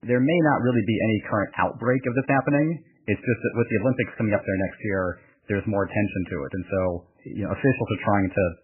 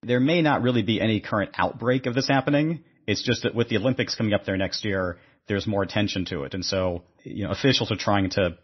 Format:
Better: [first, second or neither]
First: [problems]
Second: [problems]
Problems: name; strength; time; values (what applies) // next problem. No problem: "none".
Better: second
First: garbled, watery; badly; nothing above 3 kHz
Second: garbled, watery; slightly; nothing above 6 kHz